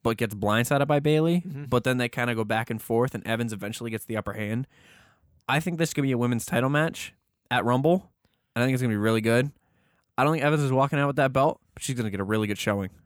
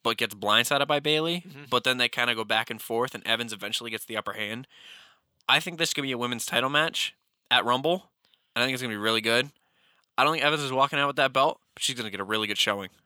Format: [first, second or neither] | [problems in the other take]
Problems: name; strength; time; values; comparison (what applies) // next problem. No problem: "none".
first | thin; somewhat; fading below 1 kHz